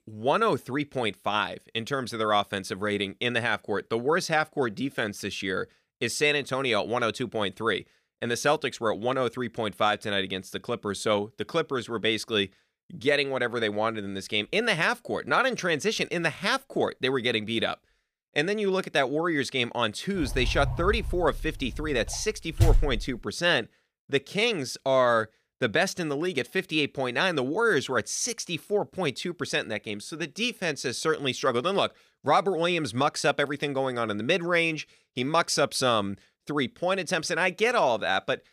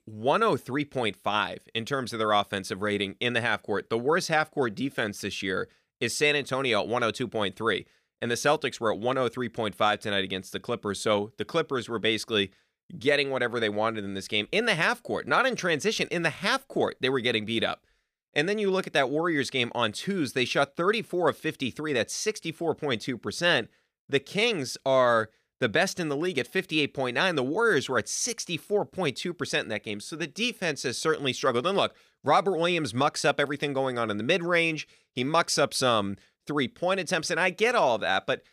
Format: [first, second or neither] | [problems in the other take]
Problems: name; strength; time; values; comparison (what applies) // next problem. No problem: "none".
second | door banging; loud; from 20 to 23 s; peak 2 dB above the speech